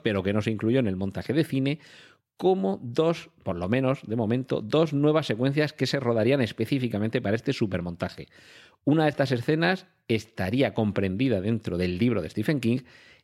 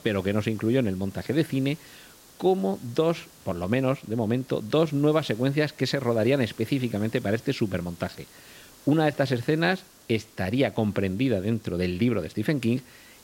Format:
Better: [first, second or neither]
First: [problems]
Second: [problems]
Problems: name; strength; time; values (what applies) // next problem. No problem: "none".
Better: first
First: none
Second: hiss; faint; throughout; 25 dB below the speech